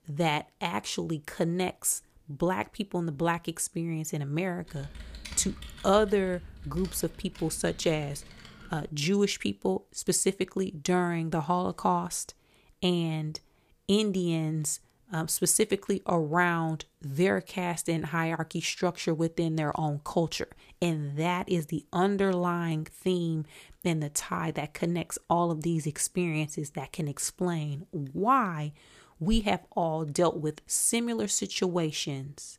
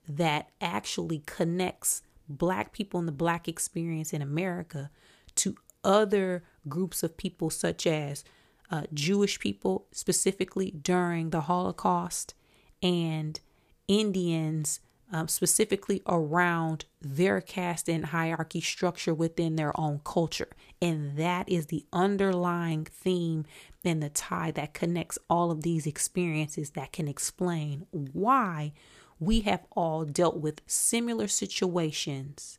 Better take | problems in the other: second | keyboard typing; faint; from 4.5 to 9 s; peak 10 dB below the speech

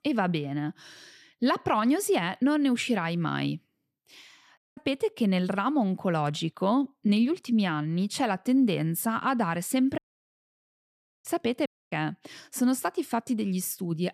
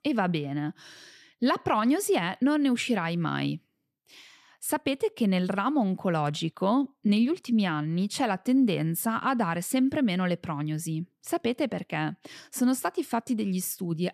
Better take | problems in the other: second | audio cutting out; at 4.5 s, at 10 s for 1.5 s and at 12 s

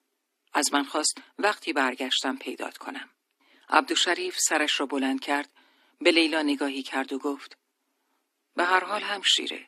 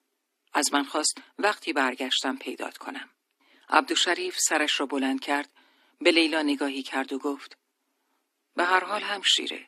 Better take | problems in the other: neither | thin; very slightly; fading below 250 Hz; the same in both

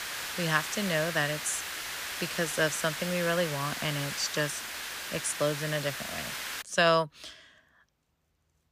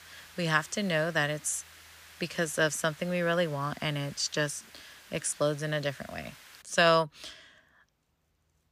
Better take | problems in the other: second | hiss; loud; until 6.5 s; 5 dB below the speech; faint in the second

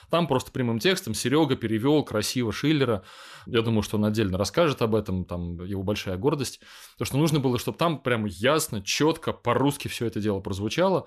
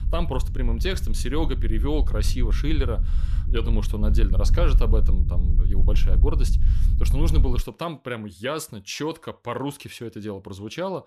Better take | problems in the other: first | low rumble; noticeable; until 7.5 s; 10 dB below the speech

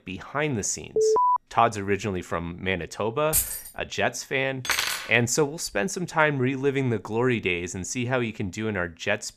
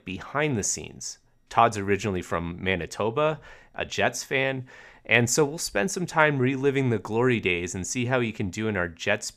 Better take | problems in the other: second | alarm; loud; at 1 s; peak 5 dB above the speech // jangling keys; loud; at 3.5 s; peak 2 dB above the speech // clattering dishes; loud; at 4.5 s; peak 2 dB above the speech

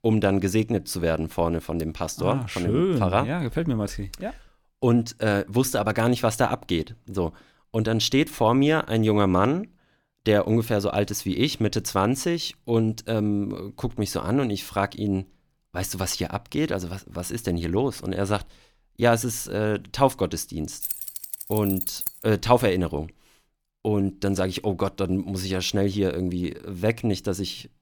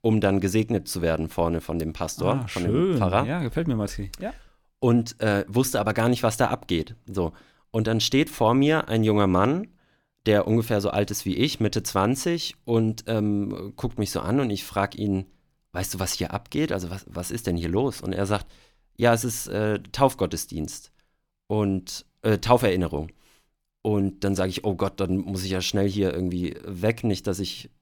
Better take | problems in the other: second | jangling keys; noticeable; from 21 to 22 s; peak 3 dB below the speech

